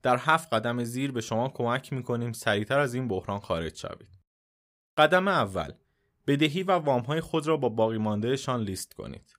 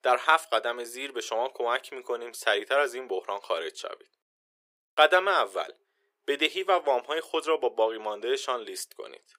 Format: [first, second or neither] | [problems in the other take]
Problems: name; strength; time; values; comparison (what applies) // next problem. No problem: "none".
first | thin; very; fading below 400 Hz